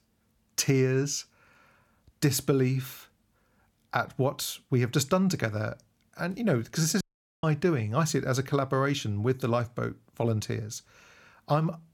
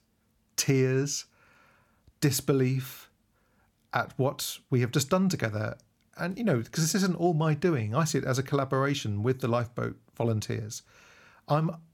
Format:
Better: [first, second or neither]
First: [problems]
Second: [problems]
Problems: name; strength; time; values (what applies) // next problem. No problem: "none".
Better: second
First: audio cutting out; at 7 s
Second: none